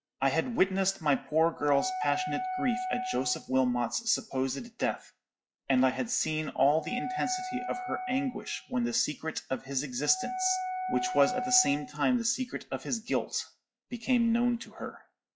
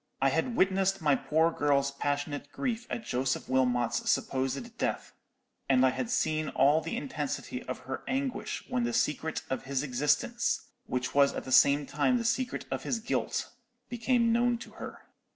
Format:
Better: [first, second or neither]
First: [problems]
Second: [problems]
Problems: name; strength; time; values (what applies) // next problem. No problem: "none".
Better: second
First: noise reduction (classical method log-MMSE)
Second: none